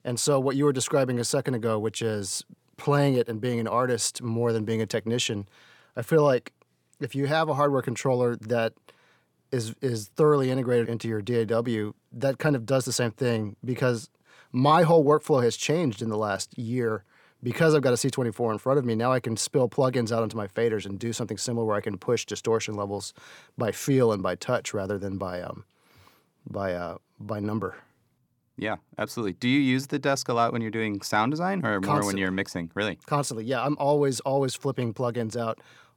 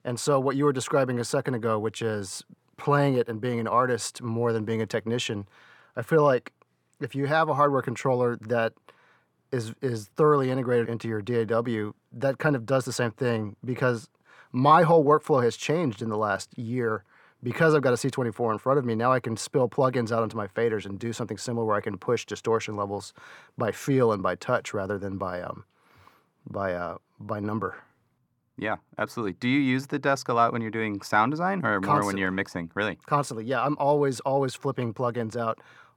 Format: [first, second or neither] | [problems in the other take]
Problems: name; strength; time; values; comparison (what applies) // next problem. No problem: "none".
first | muffled; very slightly; fading above 3 kHz